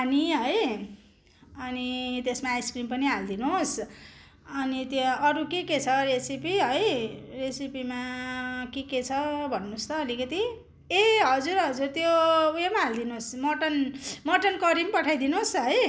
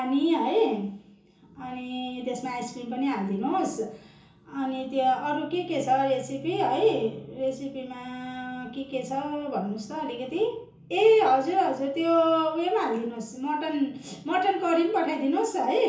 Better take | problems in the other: first | room echo; dies away in 0.7 s

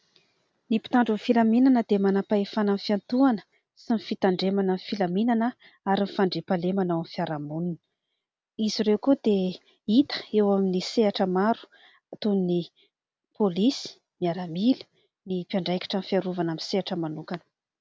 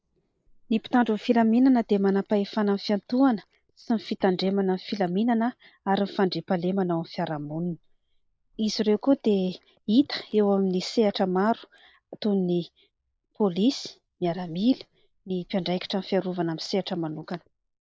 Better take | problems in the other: first | noise reduction (neural mask model Resemble Enhance denoiser)

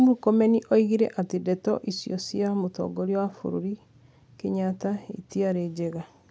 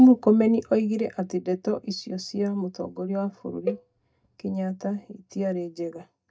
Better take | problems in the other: first | noise reduction (neural mask model DeepFilterNet 3)

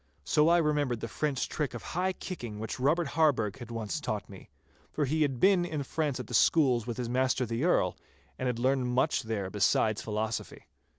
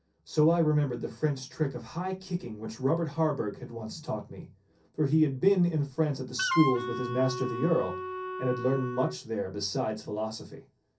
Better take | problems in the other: first | background sound (Wind instrument, woodwind instrument); 5 dB below the speech // room echo; dies away in 0.3 s

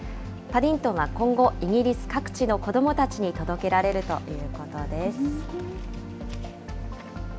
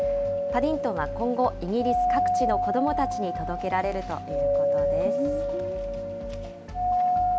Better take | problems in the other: first | background sound (Doorbell); 3 dB above the speech

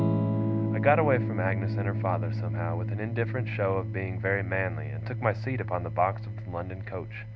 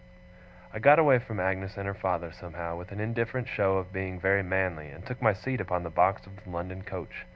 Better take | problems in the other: second | background sound (Electric guitar / Strum); as loud as the speech

